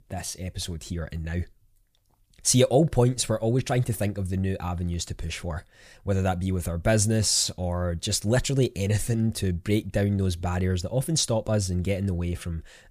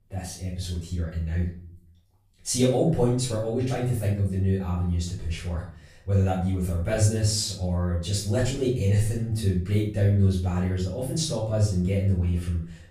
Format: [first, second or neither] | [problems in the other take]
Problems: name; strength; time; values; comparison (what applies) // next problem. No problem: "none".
first | off-mic speech; far // room echo; noticeable; dies away in 0.5 s